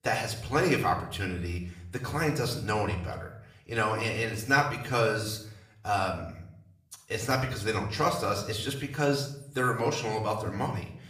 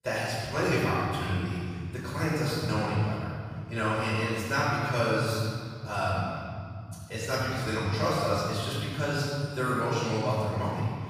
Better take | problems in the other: first | room echo; strong; dies away in 2.9 s; slight in the first // off-mic speech; far; somewhat distant in the first

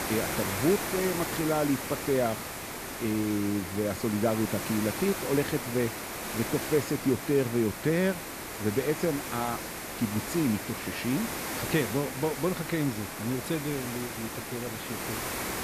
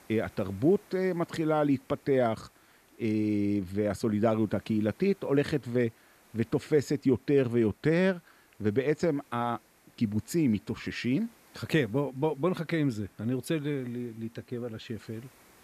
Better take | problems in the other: second | hiss; loud; throughout; 4 dB below the speech; faint in the second

